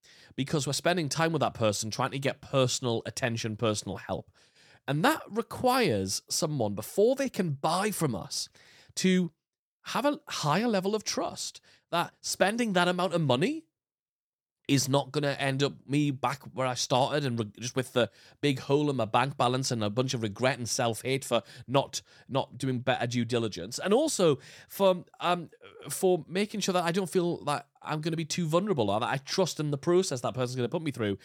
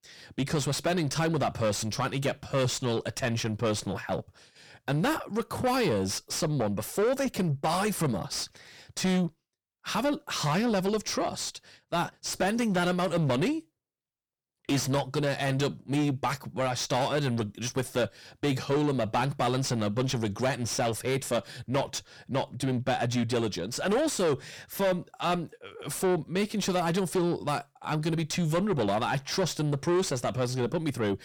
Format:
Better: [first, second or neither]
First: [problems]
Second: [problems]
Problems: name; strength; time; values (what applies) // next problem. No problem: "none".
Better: first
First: none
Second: distortion; heavy; 7 dB below the speech